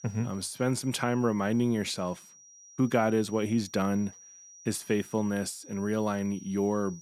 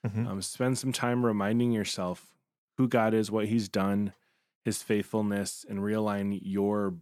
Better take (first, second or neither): second